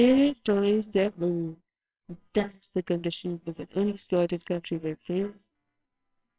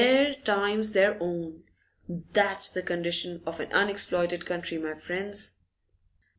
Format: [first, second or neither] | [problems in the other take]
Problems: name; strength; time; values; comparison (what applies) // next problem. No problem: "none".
second | noise reduction (neural separator model SepFormer WHAMR!)